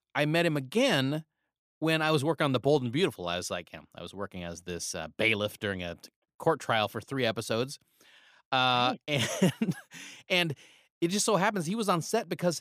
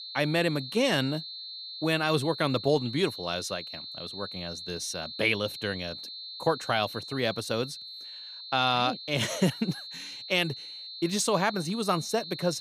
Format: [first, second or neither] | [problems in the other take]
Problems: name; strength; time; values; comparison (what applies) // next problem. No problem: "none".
first | high-pitched whine; loud; throughout; 4 kHz, 10 dB below the speech